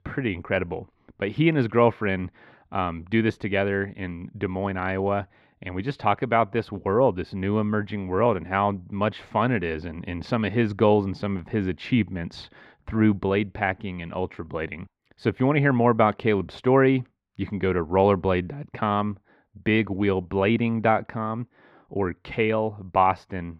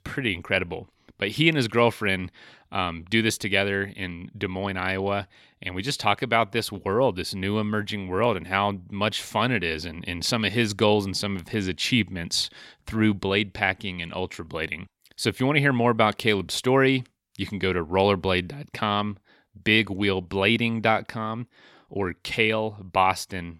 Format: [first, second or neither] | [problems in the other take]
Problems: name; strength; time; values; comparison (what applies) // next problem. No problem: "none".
second | muffled; very; fading above 4 kHz